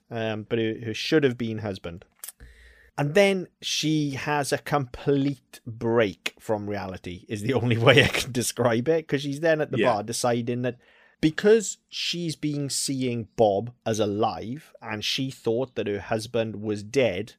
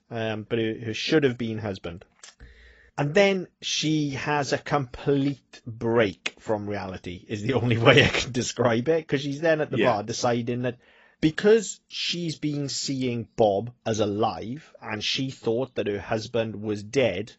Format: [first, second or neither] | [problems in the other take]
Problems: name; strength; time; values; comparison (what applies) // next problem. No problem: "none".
first | garbled, watery; badly; nothing above 7.5 kHz